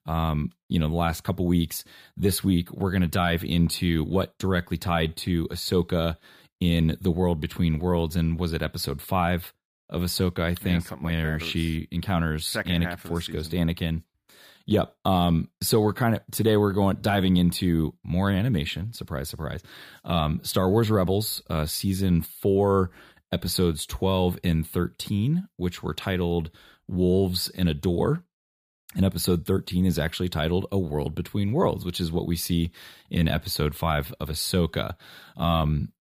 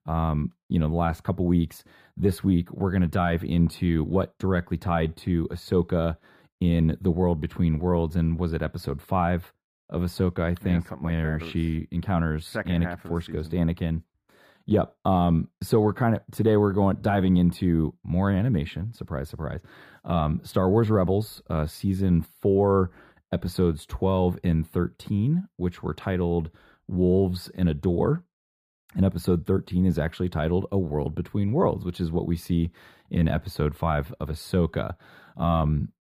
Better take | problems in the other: first | muffled; slightly; fading above 2 kHz

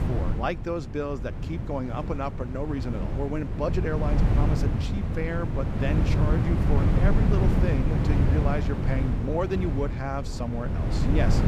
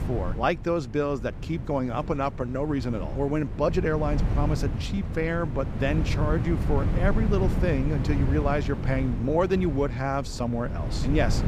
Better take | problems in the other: second | wind noise on the microphone; heavy; 3 dB below the speech; occasional gusts in the second

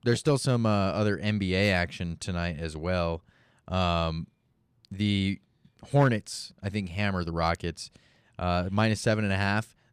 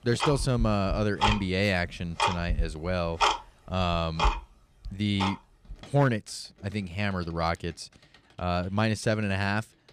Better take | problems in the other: first | household noises; loud; throughout; 1 dB below the speech

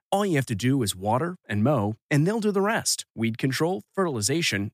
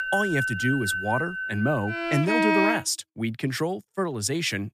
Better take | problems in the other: first | background music; very loud; until 2.5 s; 1 dB above the speech

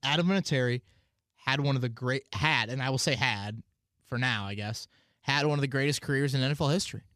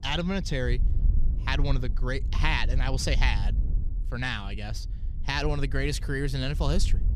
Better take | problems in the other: first | wind noise on the microphone; occasional gusts; 20 dB below the speech

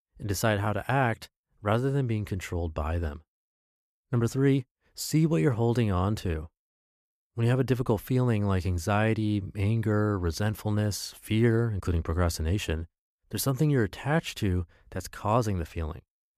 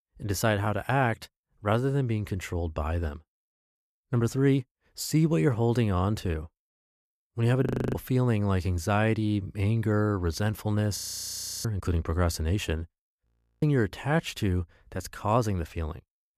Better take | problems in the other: first | audio freezing; at 7.5 s, at 11 s for 0.5 s and at 13 s

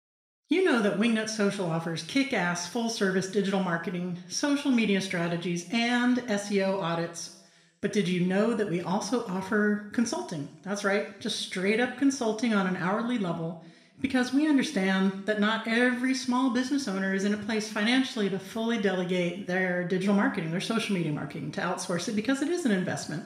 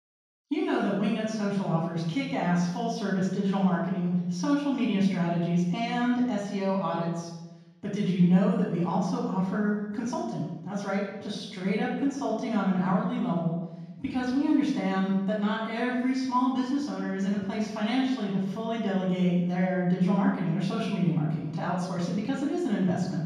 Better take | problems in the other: first | room echo; strong; dies away in 1.3 s; slight in the first // off-mic speech; far; somewhat distant in the first

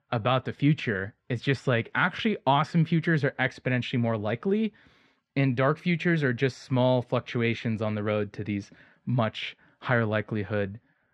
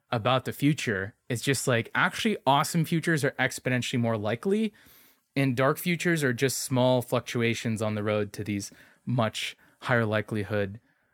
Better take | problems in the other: second | muffled; slightly; fading above 3.5 kHz

